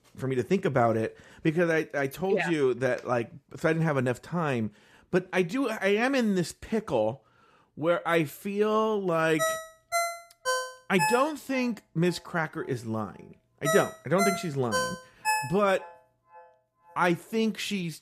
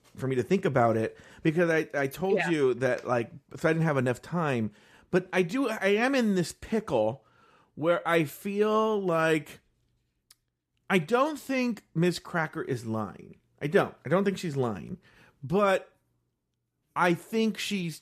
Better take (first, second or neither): second